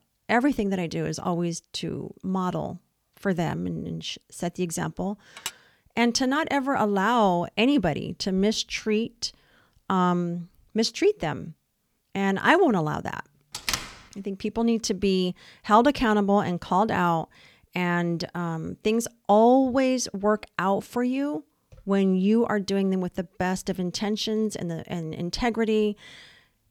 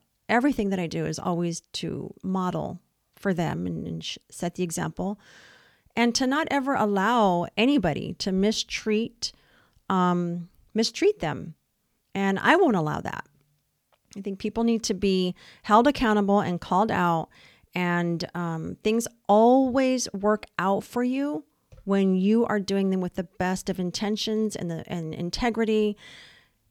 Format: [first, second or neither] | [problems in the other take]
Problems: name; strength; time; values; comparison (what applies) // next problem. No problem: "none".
second | clattering dishes; faint; at 5.5 s; peak 10 dB below the speech // door banging; noticeable; at 14 s; peak 3 dB below the speech